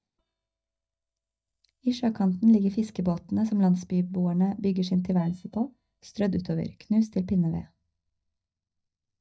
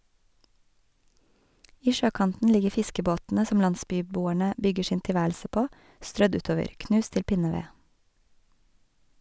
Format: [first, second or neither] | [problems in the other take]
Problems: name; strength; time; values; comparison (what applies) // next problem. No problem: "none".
second | noise reduction (neural mask model DeepFilterNet 3)